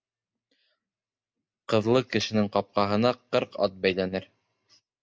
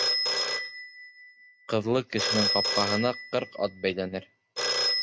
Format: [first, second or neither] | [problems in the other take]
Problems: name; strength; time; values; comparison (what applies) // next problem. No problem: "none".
first | background sound (Telephone); 1 dB above the speech